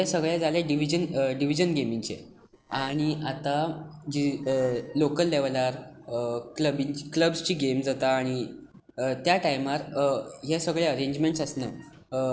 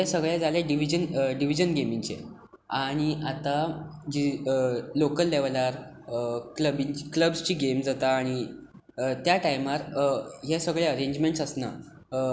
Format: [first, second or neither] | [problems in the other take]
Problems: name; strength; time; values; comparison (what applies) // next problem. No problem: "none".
second | noise reduction (neural separator model SepFormer DNS4)